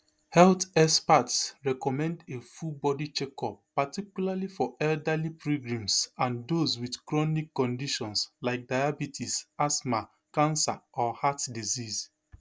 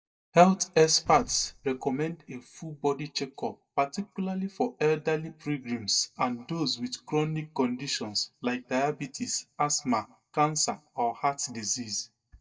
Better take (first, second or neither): first